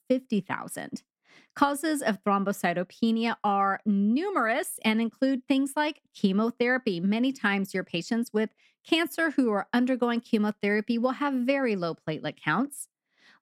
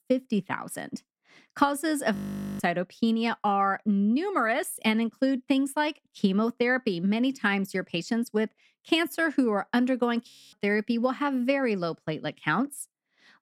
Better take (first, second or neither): first